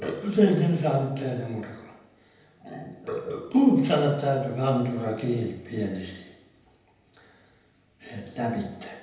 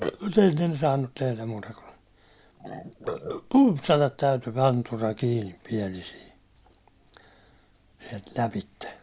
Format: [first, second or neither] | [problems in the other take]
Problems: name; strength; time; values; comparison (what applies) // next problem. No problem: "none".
second | room echo; dies away in 0.8 s